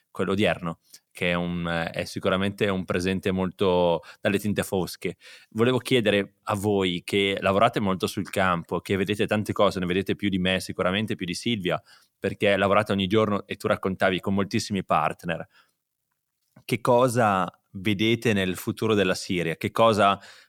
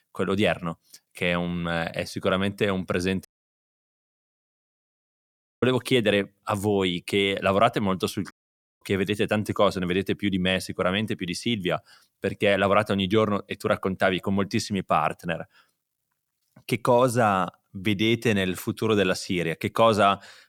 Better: first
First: none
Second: audio cutting out; at 3.5 s for 2.5 s and at 8.5 s for 0.5 s

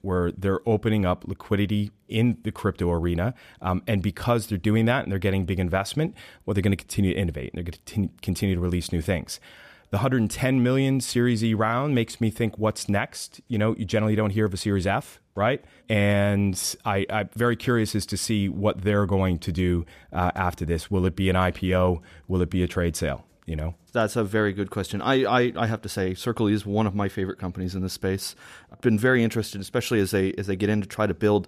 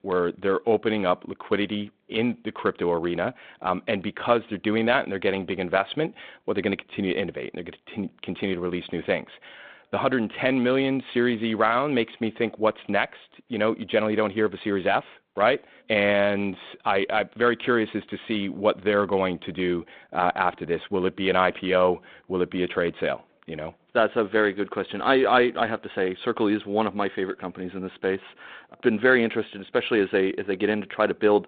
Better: first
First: none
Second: phone-call audio; nothing above 3.5 kHz

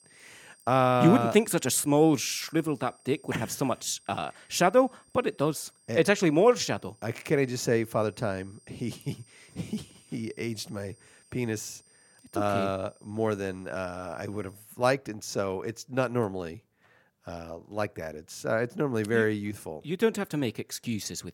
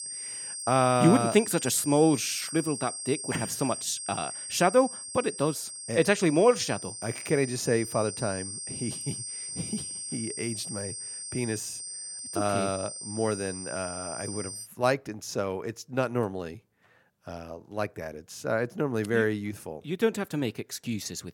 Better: first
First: high-pitched whine; faint; until 15 s; 8.5 kHz, 30 dB below the speech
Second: high-pitched whine; loud; until 15 s; 8.5 kHz, 7 dB below the speech

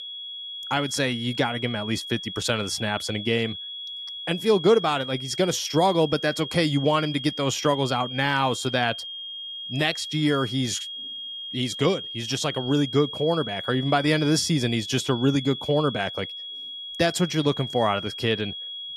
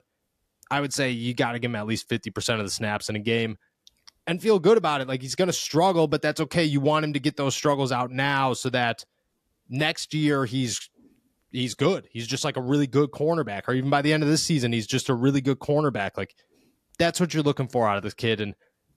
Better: second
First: high-pitched whine; loud; throughout; 3.5 kHz, 8 dB below the speech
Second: none

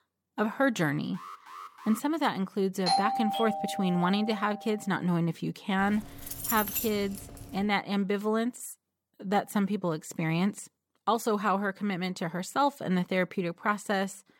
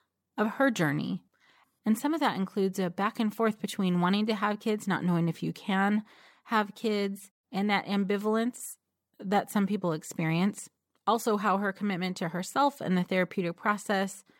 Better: second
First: alarm; faint; at 1 s; peak 15 dB below the speech // doorbell; loud; from 3 to 4.5 s; peak 3 dB above the speech // jangling keys; noticeable; from 6 to 7.5 s; peak level with the speech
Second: none

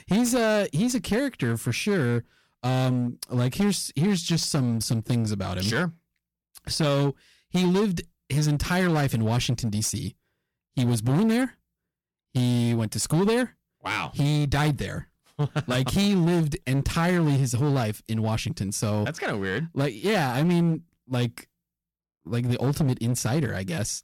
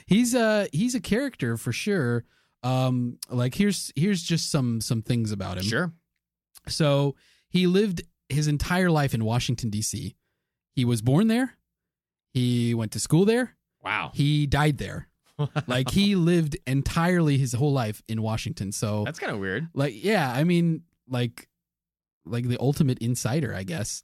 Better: second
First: distortion; slight; 14% of the sound clipped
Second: none

